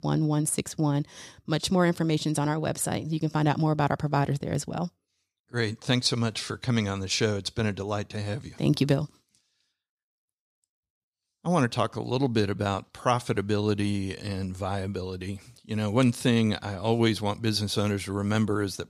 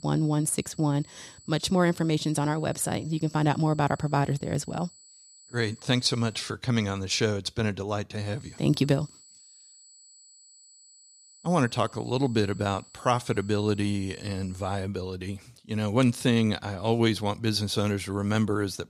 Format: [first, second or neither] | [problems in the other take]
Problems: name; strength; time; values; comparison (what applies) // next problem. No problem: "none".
first | high-pitched whine; faint; until 6.5 s and from 8.5 to 15 s; 8 kHz, 25 dB below the speech